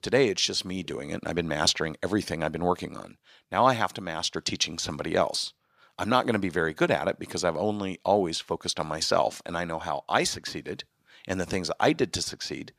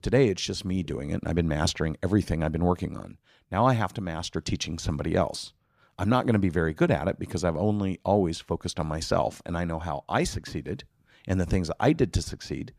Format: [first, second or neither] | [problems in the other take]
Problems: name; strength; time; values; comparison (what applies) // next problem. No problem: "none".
second | thin; somewhat; fading below 1 kHz